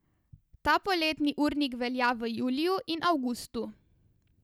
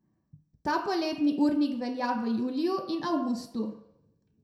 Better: first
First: none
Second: room echo; dies away in 0.6 s

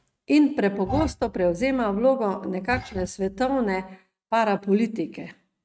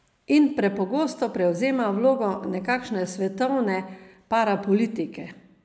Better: second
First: noise reduction (neural mask model RNNoise)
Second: none

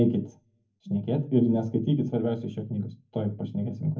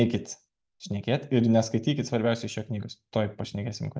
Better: second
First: room echo; dies away in 0.3 s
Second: none

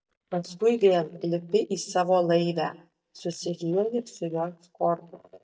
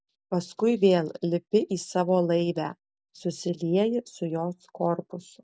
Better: second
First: noise reduction (neural mask model DeepFilterNet 3)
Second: none

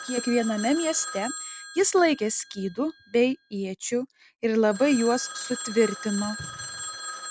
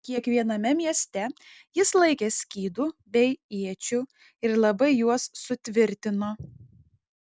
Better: second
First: background sound (Telephone); 11 dB below the speech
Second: none

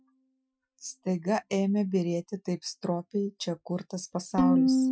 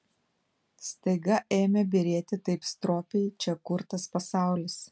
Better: second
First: noise reduction (classical method Wiener filter)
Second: none

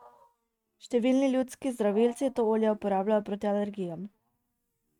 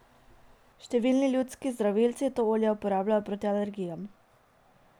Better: second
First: noise reduction (neural mask model RNNoise)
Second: none

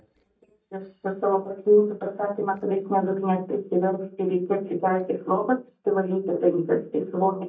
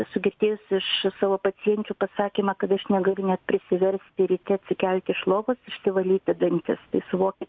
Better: second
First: noise reduction (neural mask model DeepFilterNet 3)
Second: none

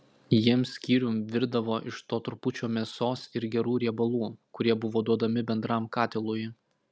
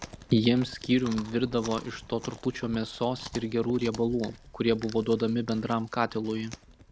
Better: first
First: none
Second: background sound (Chewing, mastication); 17 dB below the speech

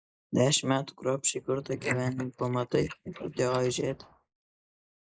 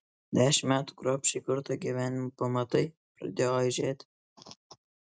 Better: second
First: noise reduction (neural mask model Resemble Enhance denoiser)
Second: none

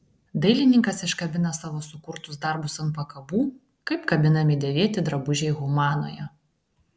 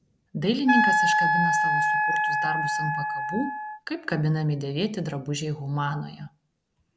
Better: first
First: none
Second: background sound (Wind instrument, woodwind instrument); 5 dB above the speech

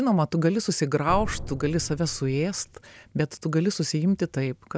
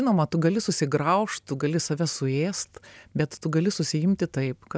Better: second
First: background sound (Drum); 12 dB below the speech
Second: none

